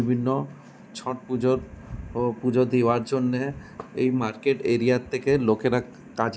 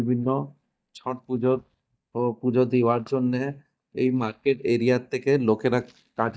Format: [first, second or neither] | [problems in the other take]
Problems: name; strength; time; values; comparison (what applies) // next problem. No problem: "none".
first | noise reduction (neural mask model DeepFilterNet 3)